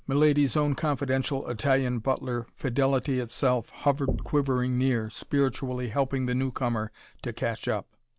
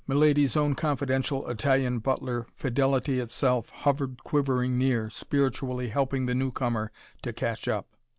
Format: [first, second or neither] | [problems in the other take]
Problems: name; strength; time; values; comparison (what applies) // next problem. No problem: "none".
second | background sound (Knock); 11 dB below the speech